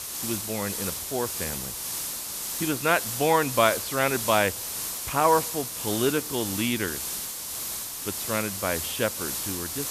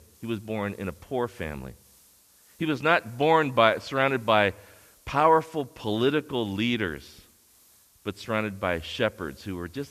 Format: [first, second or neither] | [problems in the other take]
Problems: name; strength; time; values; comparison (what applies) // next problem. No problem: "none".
second | hiss; loud; throughout; 3 dB below the speech; faint in the second